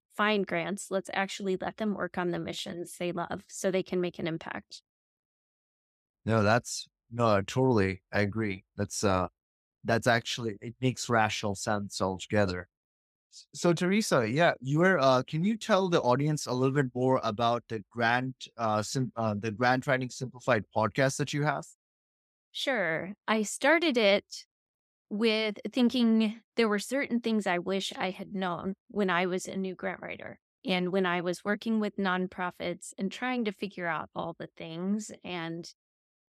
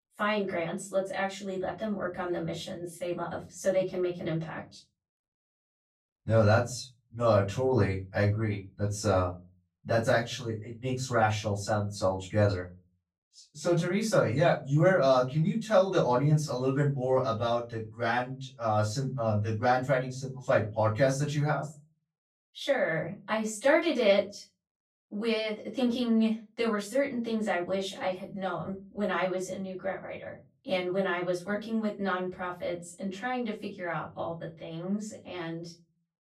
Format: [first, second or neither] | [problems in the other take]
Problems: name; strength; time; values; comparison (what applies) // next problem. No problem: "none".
first | off-mic speech; far // room echo; slight; dies away in 0.3 s